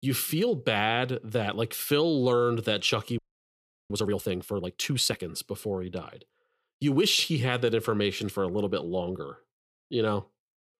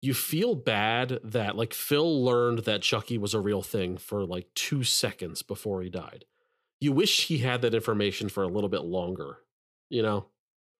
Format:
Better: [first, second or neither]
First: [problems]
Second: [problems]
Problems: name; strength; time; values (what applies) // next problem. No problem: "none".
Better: second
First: audio freezing; at 3 s for 0.5 s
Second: none